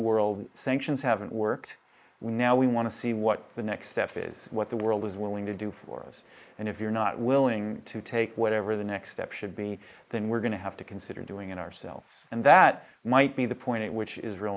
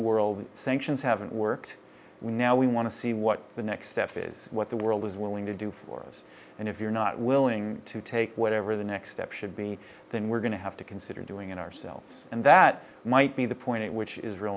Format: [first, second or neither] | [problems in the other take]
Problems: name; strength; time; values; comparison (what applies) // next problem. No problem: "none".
second | noise reduction (neural mask model Resemble Enhance denoiser)